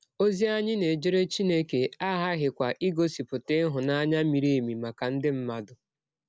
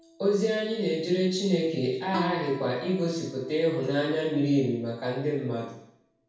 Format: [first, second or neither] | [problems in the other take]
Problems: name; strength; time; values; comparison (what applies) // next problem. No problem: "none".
first | background sound (Guitar); 16 dB below the speech // room echo; dies away in 0.6 s